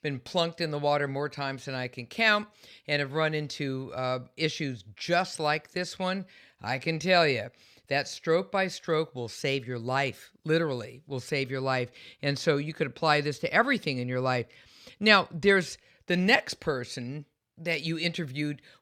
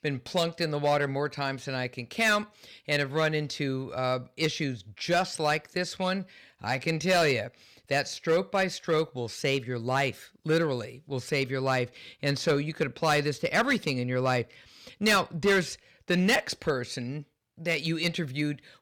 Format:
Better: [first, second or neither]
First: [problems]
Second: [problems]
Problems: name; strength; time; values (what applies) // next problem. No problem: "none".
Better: first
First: none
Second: distortion; slight; 3% of the sound clipped